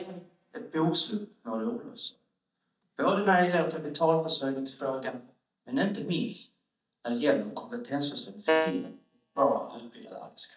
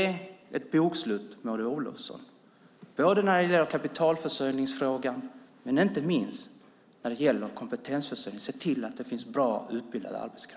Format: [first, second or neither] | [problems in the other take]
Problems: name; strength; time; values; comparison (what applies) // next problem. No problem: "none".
second | noise reduction (neural mask model DeepFilterNet 3)